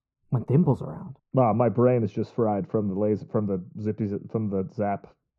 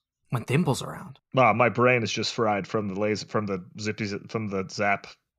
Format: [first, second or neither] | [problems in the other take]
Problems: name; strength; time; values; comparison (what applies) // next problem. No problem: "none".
second | muffled; very; fading above 1 kHz